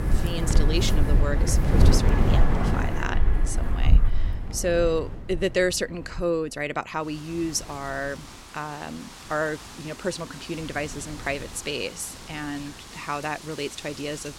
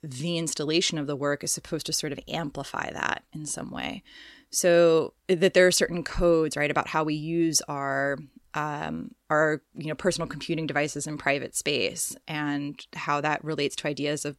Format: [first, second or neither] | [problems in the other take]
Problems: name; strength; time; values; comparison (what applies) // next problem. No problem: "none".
second | wind in the background; very loud; throughout; 5 dB above the speech